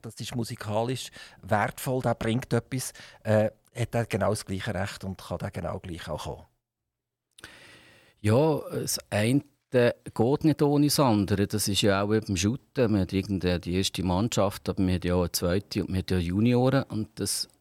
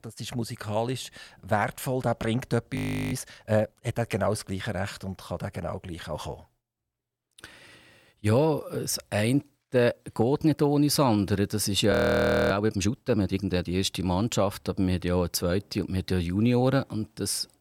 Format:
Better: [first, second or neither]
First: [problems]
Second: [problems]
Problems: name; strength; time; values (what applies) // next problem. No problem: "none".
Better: first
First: none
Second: audio freezing; at 3 s and at 12 s for 0.5 s